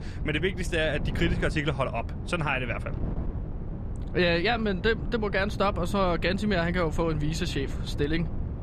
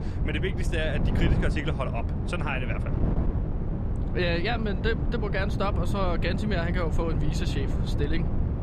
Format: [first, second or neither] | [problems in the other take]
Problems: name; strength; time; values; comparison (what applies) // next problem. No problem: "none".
first | wind noise on the microphone; heavy; 7 dB below the speech; occasional gusts in the first